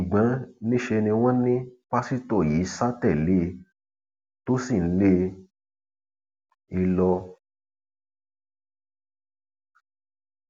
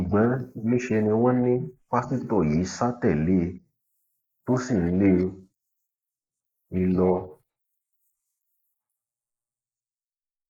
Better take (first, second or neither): first